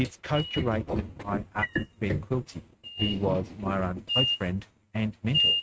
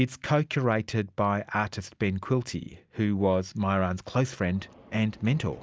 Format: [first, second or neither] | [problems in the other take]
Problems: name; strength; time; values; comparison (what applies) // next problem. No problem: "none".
second | noise reduction (neural mask model RNNoise)